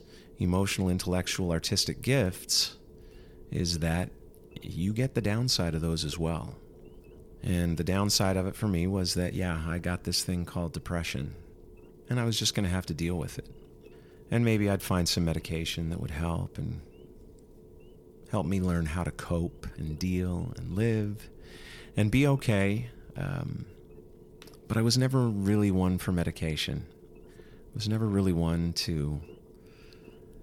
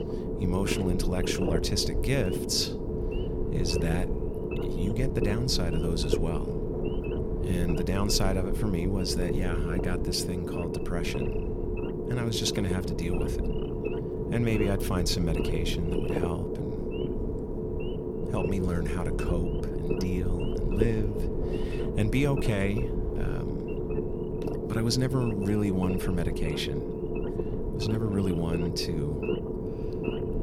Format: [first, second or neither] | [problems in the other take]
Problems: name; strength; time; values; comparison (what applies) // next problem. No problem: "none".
first | low rumble; loud; throughout; 1 dB below the speech; faint in the first